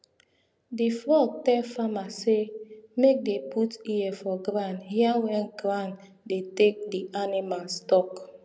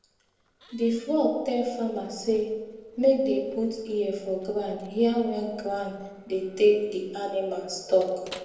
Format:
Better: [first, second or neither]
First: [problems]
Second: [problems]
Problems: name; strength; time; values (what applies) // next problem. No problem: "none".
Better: first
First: none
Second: noise reduction (neural separator model SepFormer DNS4)